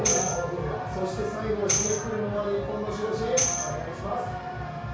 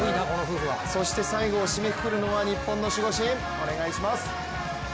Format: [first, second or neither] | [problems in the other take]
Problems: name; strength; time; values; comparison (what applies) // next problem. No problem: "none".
second | background sound (Tambourine); 4 dB below the speech // room echo; dies away in 0.6 s